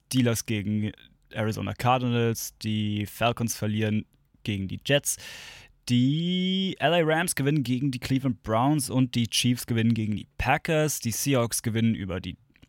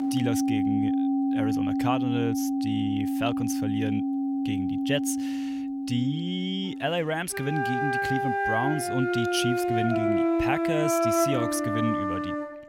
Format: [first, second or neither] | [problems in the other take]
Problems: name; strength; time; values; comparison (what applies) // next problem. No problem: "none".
first | background music; very loud; throughout; 3 dB above the speech